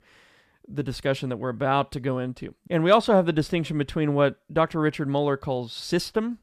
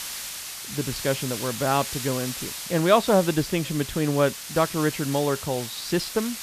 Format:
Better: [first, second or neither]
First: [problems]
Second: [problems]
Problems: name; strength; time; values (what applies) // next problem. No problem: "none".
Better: first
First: none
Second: hiss; loud; throughout; 7 dB below the speech